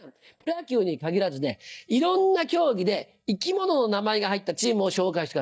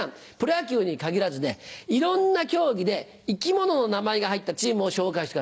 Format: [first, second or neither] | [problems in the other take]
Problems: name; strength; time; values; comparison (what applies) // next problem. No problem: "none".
second | noise reduction (neural mask model DeepFilterNet 3)